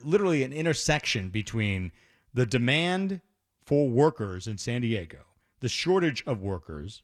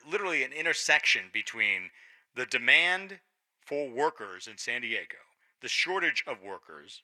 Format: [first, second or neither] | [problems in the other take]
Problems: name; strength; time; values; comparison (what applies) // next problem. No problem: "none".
first | thin; very; fading below 600 Hz